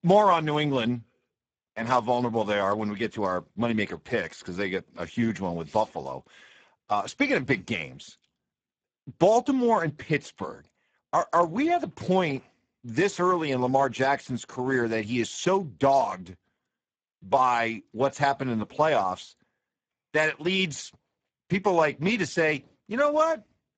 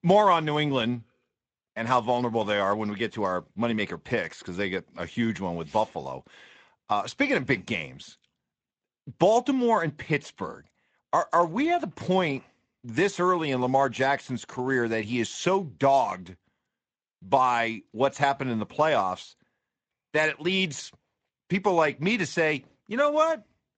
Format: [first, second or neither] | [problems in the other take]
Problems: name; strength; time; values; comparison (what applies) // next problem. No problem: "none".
second | garbled, watery; badly; nothing above 7.5 kHz; slightly in the second